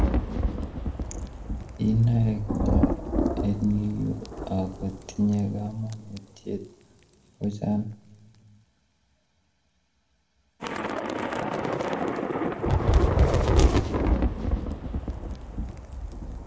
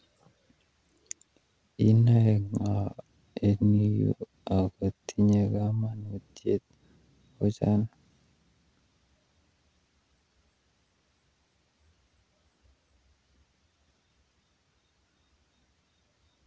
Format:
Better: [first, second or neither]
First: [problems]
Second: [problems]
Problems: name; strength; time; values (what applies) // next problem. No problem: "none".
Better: second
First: background sound (Thunder / Rain); 4 dB above the speech // room echo; dies away in 0.4 s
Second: none